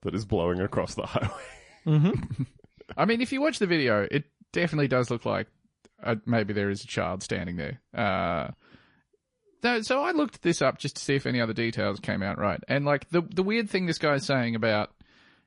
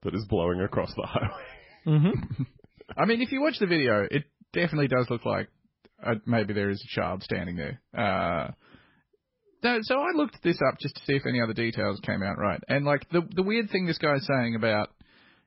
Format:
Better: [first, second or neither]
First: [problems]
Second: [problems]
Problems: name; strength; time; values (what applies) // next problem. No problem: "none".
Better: first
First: garbled, watery; slightly; nothing above 10.5 kHz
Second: garbled, watery; badly; nothing above 5.5 kHz